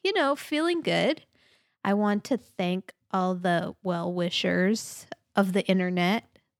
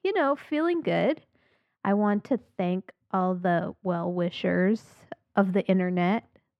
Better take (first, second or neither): first